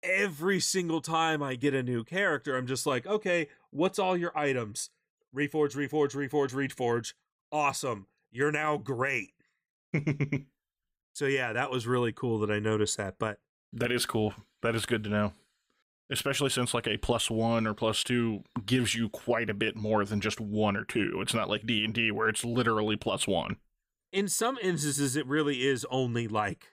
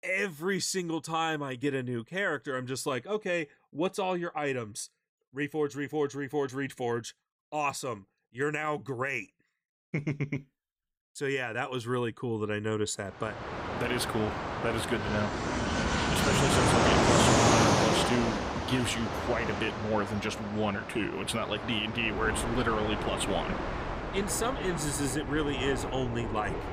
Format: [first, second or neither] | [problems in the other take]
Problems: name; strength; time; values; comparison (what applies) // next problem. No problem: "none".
first | train or aircraft noise; very loud; from 13 s on; 2 dB above the speech